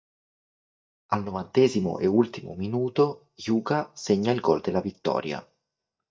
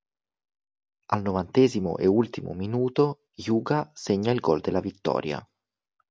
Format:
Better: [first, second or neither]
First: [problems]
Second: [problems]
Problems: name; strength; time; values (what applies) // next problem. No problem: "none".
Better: second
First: noise reduction (neural mask model DeepFilterNet 3)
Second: none